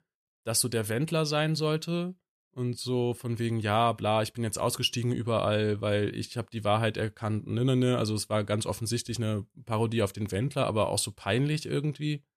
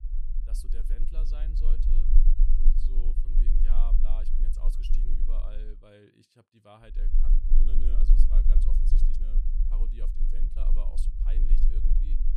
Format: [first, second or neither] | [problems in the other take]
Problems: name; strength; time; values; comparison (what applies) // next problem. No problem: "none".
first | low rumble; loud; until 5.5 s and from 7 s on; 2 dB below the speech